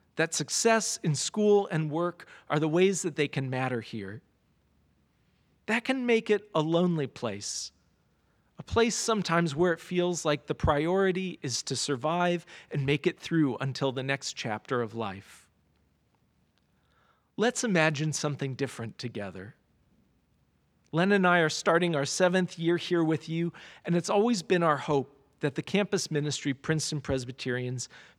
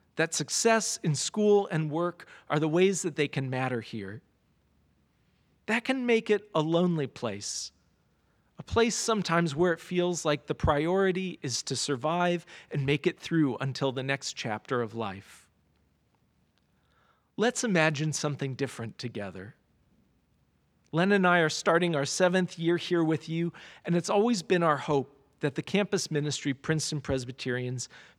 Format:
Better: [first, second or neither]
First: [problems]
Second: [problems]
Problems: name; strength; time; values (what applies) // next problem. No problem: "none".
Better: neither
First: none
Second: none